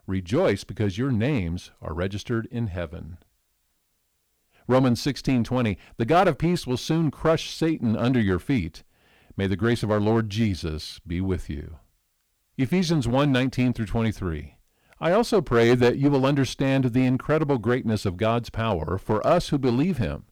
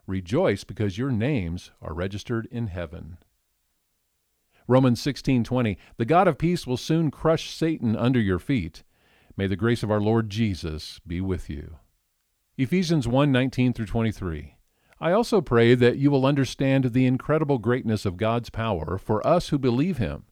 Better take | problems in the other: second | distortion; slight; 5% of the sound clipped

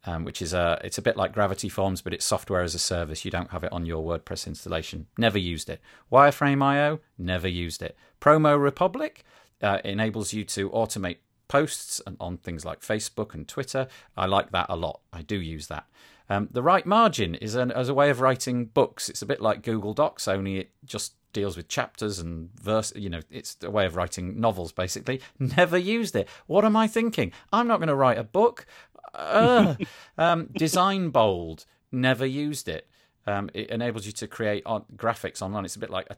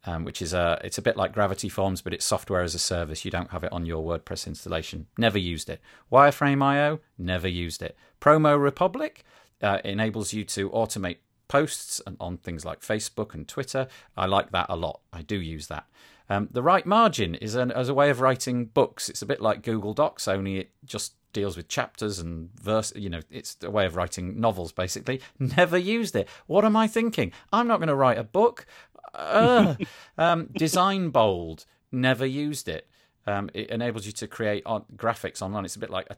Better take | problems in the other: neither | none

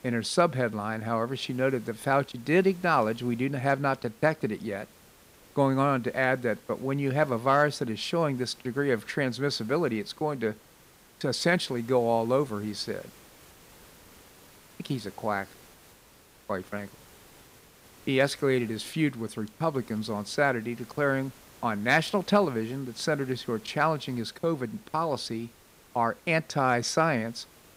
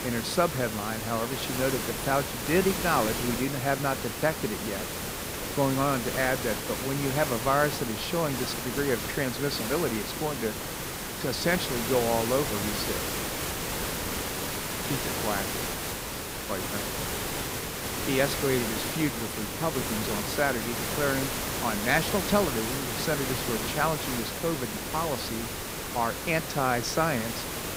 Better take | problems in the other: first | hiss; loud; throughout; 2 dB below the speech; faint in the first

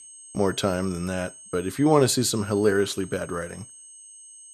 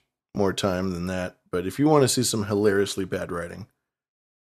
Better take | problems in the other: second | high-pitched whine; noticeable; throughout; 8.5 kHz, 20 dB below the speech

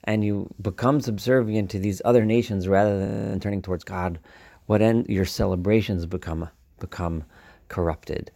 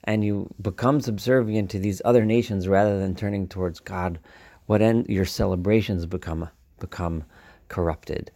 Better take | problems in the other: second | audio freezing; at 3 s

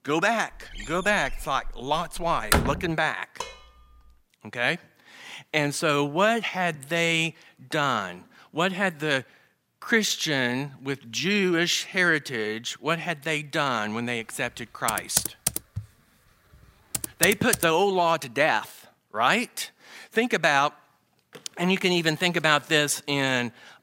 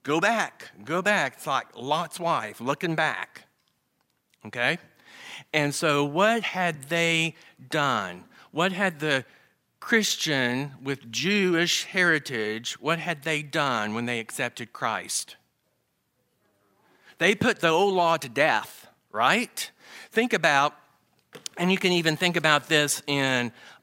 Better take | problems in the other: second | door banging; loud; from 1 to 3 s; peak 1 dB above the speech // clattering dishes; faint; at 3.5 s; peak 15 dB below the speech // keyboard typing; loud; from 15 to 18 s; peak level with the speech

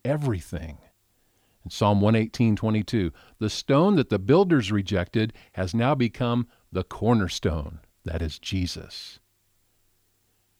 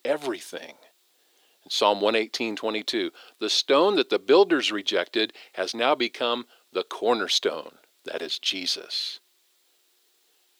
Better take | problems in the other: first | thin; very; fading below 350 Hz

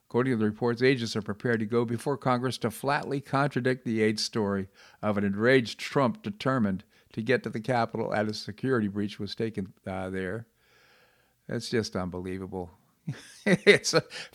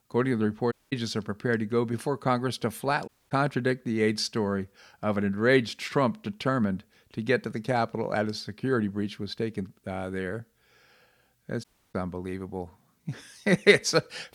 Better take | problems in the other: first | audio cutting out; at 0.5 s, at 3 s and at 12 s

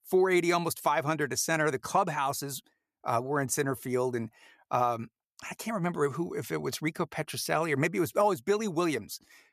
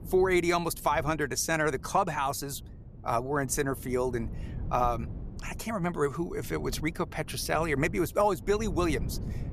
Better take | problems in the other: first | wind noise on the microphone; occasional gusts; 25 dB below the speech

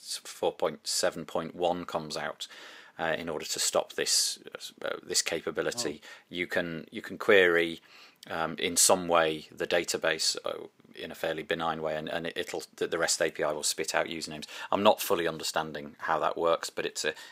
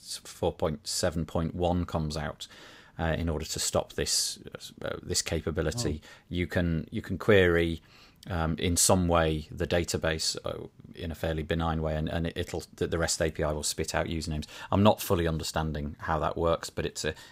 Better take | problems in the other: second | thin; somewhat; fading below 350 Hz

